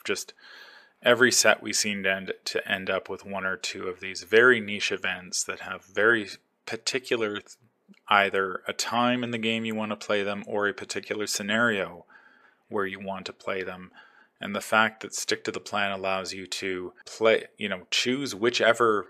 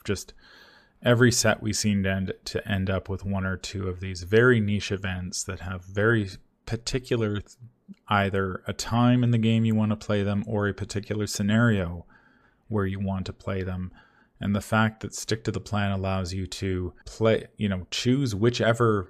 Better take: second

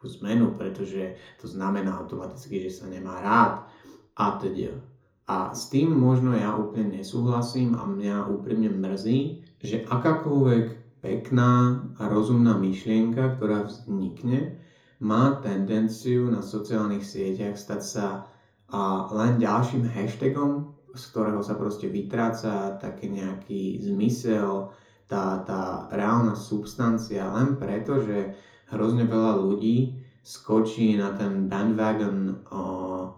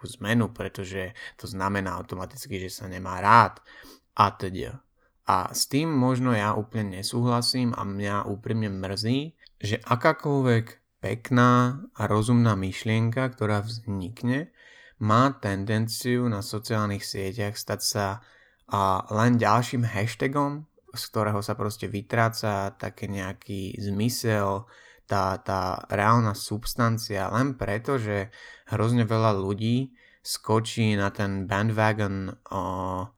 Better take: second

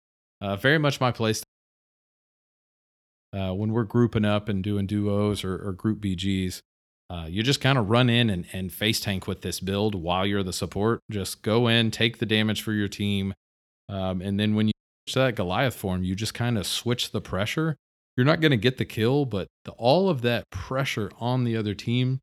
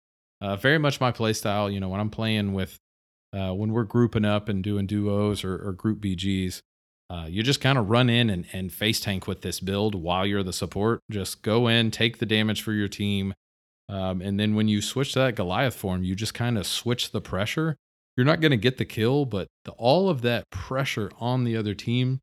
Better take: second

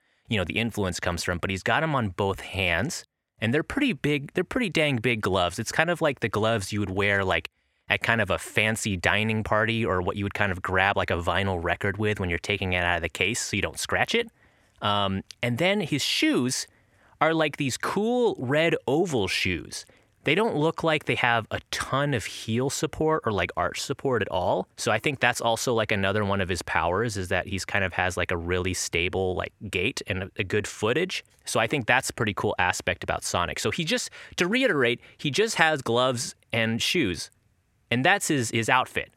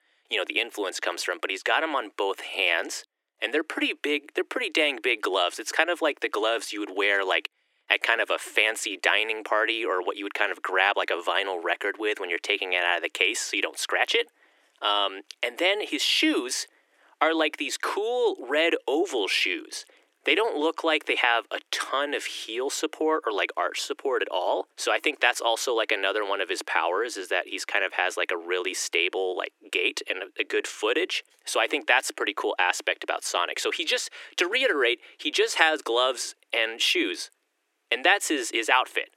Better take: first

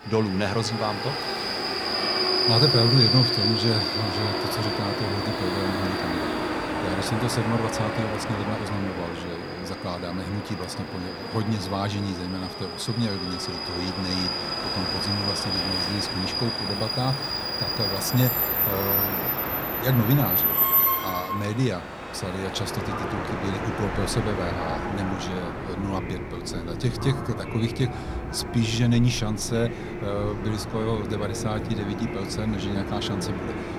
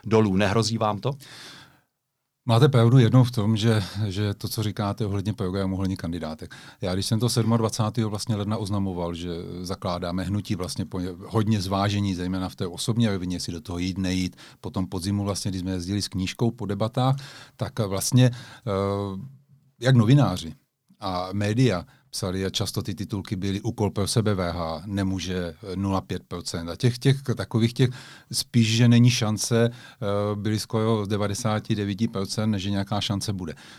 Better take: second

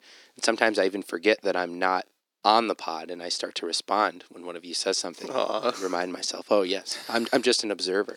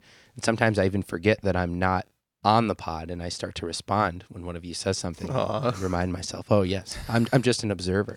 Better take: second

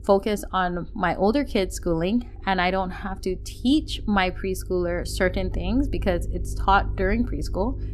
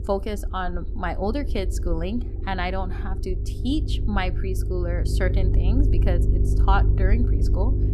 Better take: first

